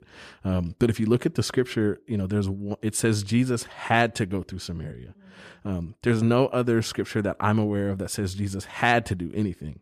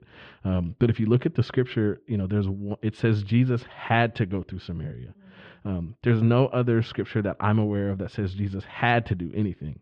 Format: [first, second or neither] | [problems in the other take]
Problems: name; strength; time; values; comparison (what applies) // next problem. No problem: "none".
first | muffled; slightly; fading above 3.5 kHz